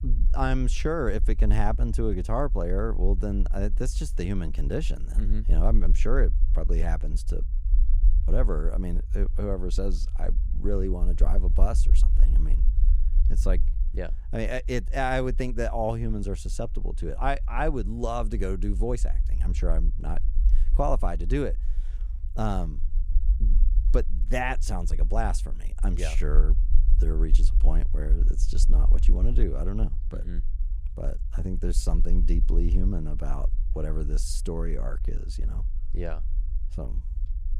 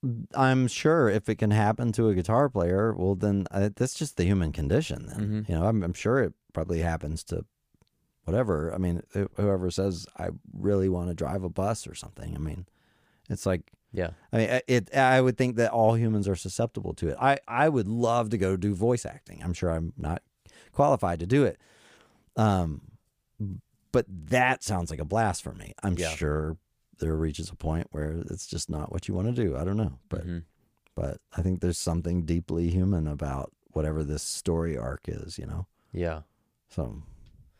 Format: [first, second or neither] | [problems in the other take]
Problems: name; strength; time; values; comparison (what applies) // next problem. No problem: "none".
second | low rumble; noticeable; throughout; 20 dB below the speech